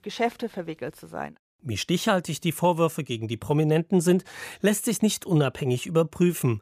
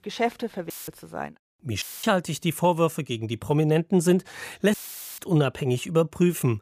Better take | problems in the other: first | audio cutting out; filled with static; at 0.5 s, at 2 s and at 4.5 s

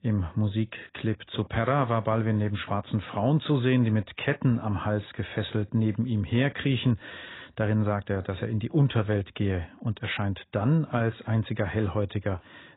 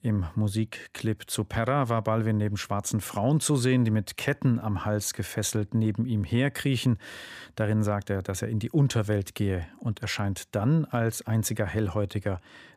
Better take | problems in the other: second | garbled, watery; badly; nothing above 4 kHz

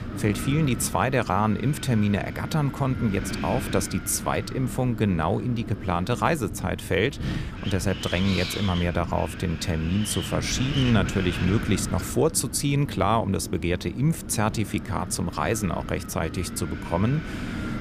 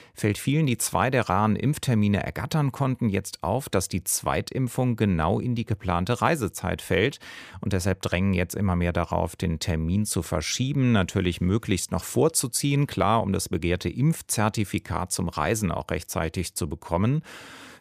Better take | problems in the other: second | wind noise on the microphone; heavy; 9 dB below the speech

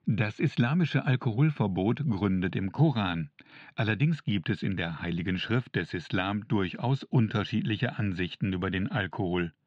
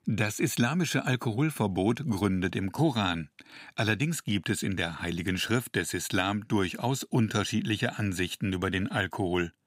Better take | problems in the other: second | muffled; slightly; fading above 4 kHz

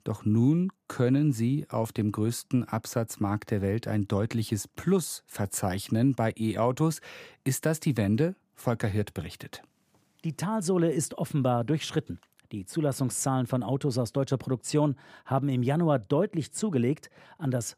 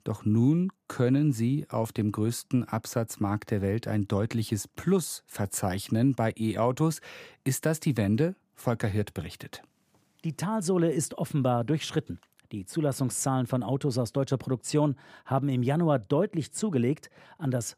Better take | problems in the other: neither | none

